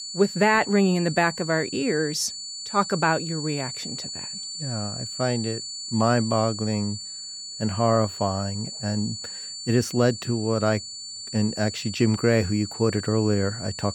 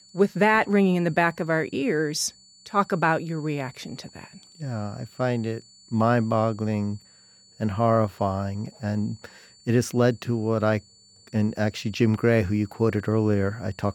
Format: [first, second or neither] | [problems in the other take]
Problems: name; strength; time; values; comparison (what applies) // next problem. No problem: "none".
second | high-pitched whine; loud; throughout; 4.5 kHz, 8 dB below the speech; faint in the second